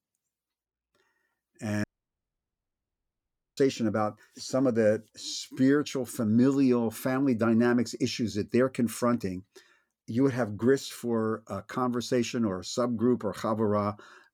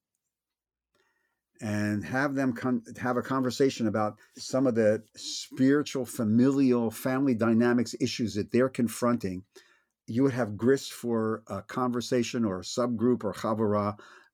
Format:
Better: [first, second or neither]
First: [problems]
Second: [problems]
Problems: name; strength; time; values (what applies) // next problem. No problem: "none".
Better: second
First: audio cutting out; at 2 s for 1.5 s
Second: none